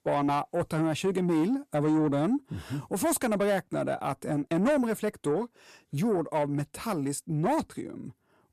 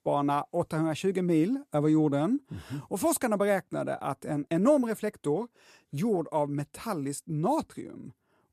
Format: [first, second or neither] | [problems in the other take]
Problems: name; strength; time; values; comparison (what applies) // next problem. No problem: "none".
second | distortion; slight; 10 dB below the speech